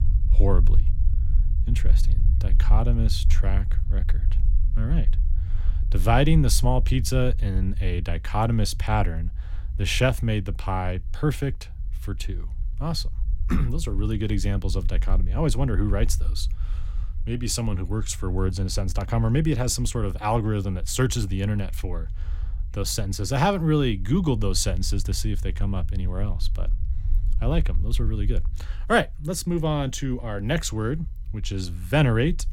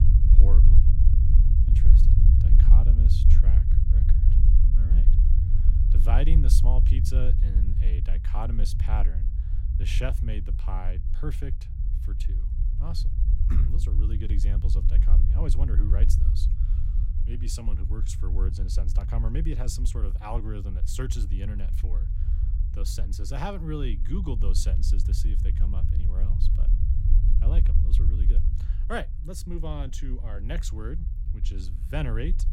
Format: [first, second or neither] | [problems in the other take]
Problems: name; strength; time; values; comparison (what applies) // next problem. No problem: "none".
first | low rumble; loud; throughout; 4 dB below the speech; faint in the first